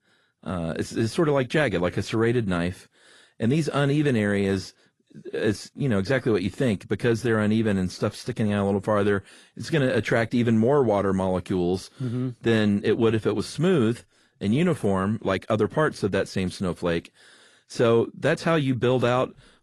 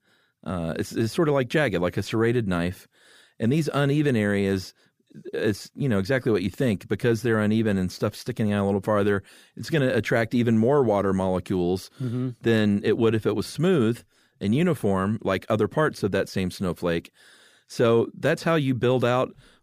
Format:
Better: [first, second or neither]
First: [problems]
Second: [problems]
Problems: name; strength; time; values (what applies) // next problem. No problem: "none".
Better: second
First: garbled, watery; slightly; nothing above 11.5 kHz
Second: none